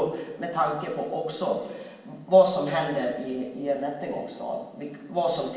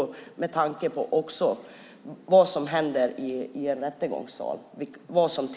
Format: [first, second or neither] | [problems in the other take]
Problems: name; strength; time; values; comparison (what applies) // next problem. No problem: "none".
second | room echo; dies away in 1 s